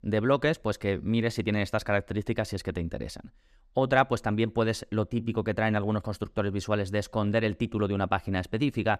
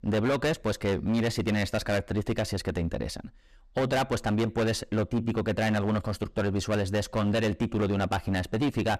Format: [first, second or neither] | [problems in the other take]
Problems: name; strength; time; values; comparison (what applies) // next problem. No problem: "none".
first | distortion; heavy; 17% of the sound clipped